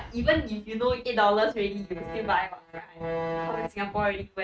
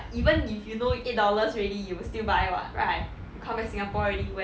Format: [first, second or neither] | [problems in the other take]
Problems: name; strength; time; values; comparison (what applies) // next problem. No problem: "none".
second | noise reduction (neural mask model RNNoise)